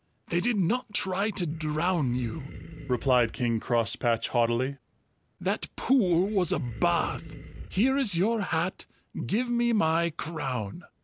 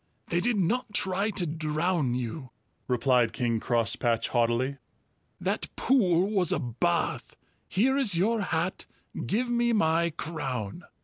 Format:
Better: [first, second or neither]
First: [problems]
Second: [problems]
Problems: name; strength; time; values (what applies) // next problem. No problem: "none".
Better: second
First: background sound (Animal); 15 dB below the speech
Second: none